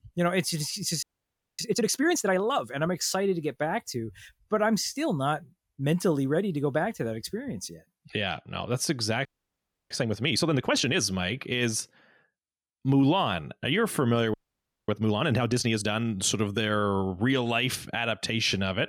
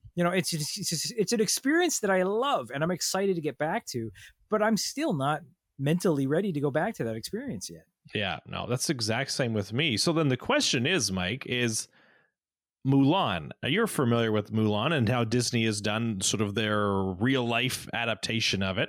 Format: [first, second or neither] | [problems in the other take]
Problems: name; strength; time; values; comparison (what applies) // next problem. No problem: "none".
second | audio freezing; at 1 s for 0.5 s, at 9.5 s for 0.5 s and at 14 s for 0.5 s